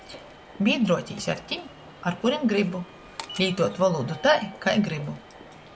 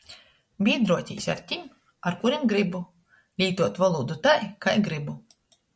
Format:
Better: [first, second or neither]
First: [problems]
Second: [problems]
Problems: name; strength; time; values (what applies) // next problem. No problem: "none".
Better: second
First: background sound (Walk, footsteps / Subway, metro, underground); 17 dB below the speech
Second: none